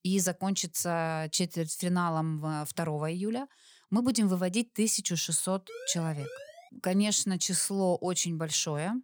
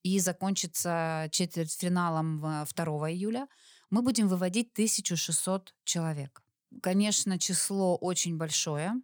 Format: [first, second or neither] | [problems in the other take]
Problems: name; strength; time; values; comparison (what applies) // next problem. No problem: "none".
second | siren; faint; from 5.5 to 6.5 s; peak 15 dB below the speech